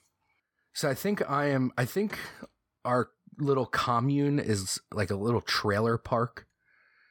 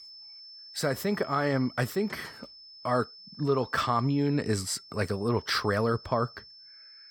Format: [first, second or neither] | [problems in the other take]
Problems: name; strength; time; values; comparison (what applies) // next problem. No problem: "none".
first | high-pitched whine; noticeable; throughout; 5.5 kHz, 20 dB below the speech